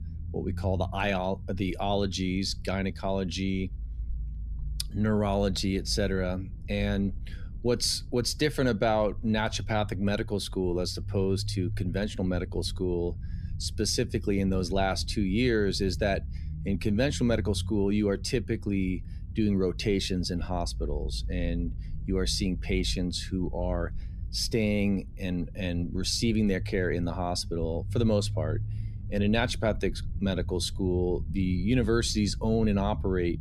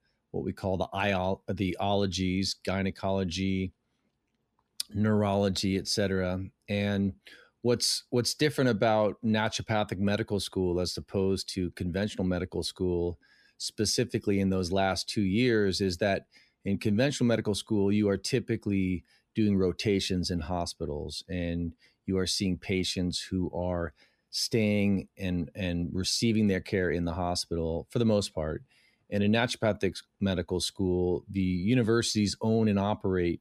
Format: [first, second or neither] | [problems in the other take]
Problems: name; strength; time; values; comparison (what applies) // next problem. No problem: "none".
second | low rumble; faint; throughout; 20 dB below the speech